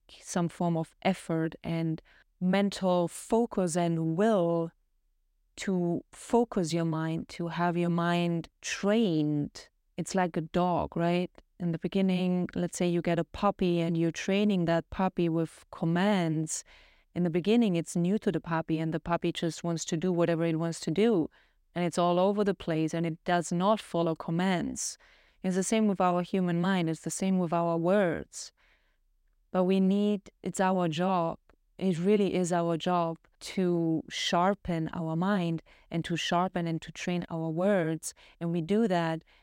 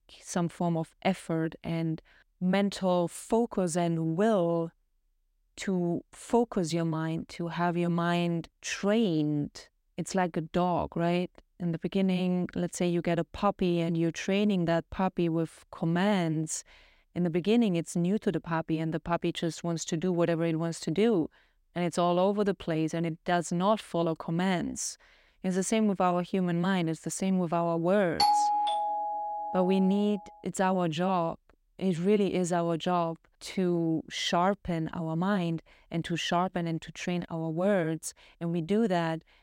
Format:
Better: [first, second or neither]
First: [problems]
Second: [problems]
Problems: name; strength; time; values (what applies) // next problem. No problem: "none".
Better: first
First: none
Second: doorbell; loud; from 28 to 30 s; peak 5 dB above the speech